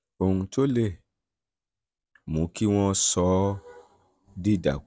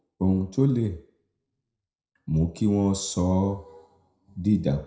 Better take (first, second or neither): first